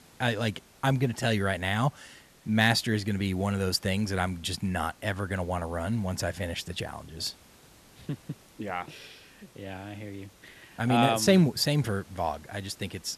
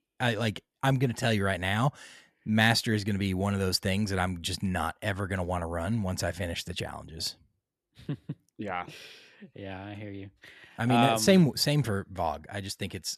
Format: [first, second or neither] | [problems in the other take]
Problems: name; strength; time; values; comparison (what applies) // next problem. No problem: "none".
second | hiss; faint; throughout; 25 dB below the speech